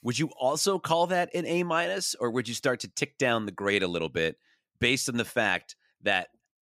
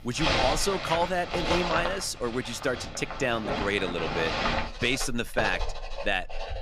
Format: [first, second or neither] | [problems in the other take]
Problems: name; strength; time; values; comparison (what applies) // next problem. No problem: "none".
first | household noises; loud; throughout; 2 dB below the speech